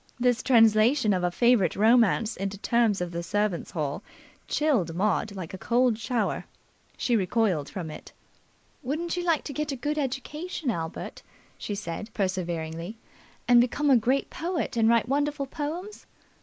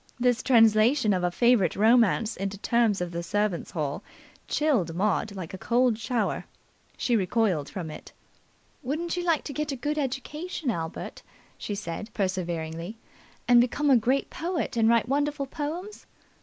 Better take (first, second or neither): second